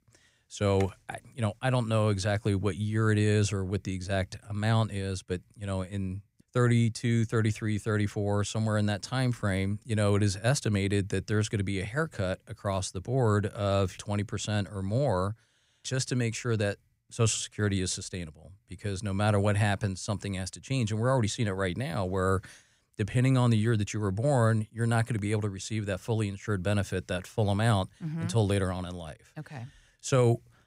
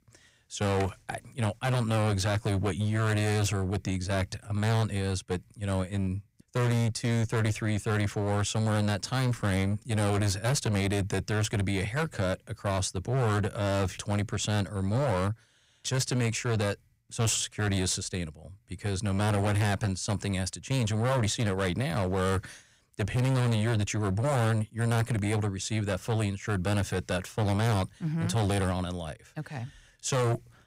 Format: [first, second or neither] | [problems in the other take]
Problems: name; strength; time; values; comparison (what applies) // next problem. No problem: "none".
first | distortion; heavy; 19% of the sound clipped